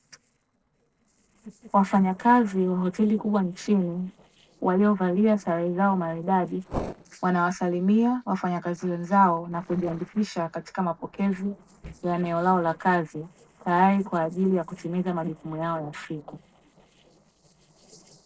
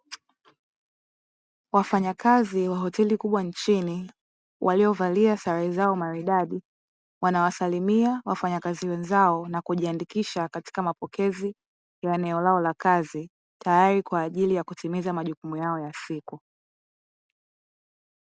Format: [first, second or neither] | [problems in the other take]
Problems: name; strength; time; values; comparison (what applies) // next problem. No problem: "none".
second | noise reduction (neural separator model SepFormer DNS4)